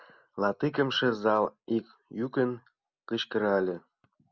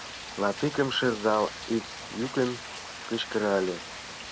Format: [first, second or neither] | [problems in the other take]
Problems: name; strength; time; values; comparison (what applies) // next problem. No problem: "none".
first | background sound (Rain); 11 dB below the speech